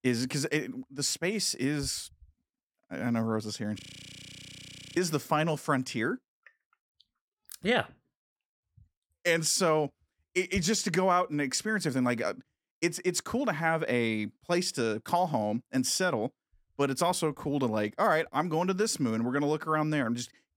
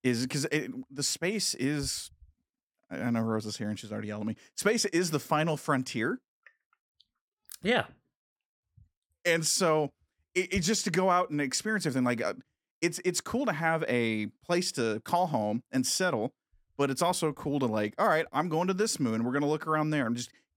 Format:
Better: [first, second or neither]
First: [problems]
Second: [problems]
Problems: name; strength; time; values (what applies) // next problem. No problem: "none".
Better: second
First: audio freezing; at 4 s for 1 s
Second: none